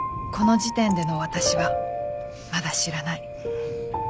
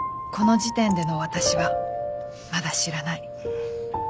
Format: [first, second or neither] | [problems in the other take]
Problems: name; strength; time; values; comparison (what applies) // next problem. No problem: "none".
second | background sound (Thunder); 18 dB below the speech